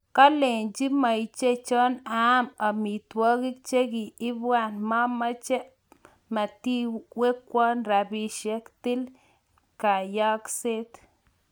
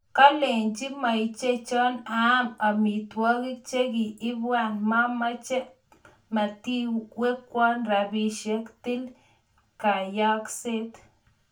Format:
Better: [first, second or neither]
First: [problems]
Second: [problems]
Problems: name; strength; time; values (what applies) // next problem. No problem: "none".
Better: first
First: none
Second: room echo; dies away in 0.2 s